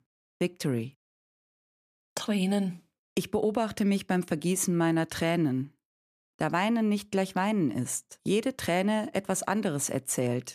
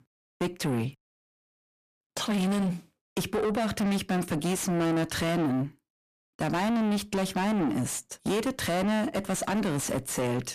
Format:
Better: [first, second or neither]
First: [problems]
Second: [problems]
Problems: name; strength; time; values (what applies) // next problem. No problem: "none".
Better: first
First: none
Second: distortion; heavy; 6 dB below the speech